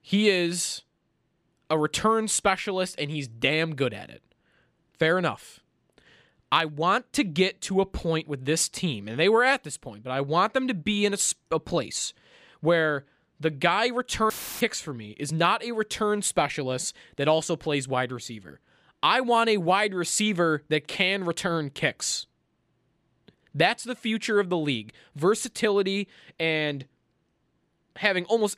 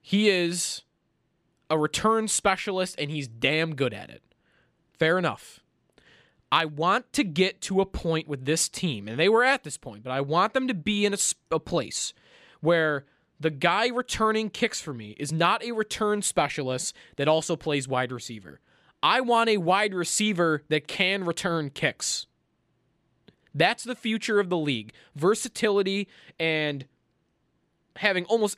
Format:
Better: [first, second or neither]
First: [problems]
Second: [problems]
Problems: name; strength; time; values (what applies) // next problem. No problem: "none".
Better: second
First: audio cutting out; filled with static; at 14 s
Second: none